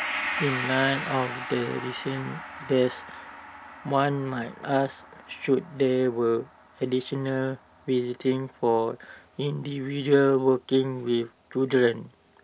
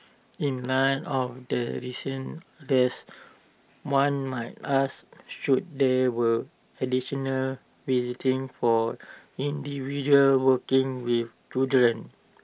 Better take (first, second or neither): second